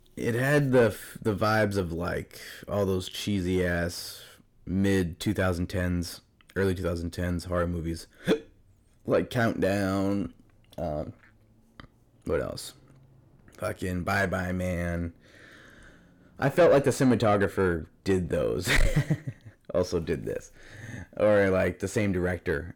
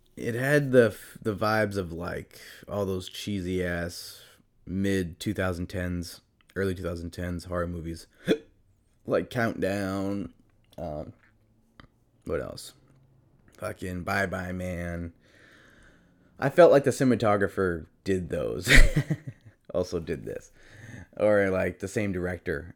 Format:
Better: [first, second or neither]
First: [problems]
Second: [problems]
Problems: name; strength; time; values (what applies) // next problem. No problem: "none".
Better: second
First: distortion; heavy; 6 dB below the speech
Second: none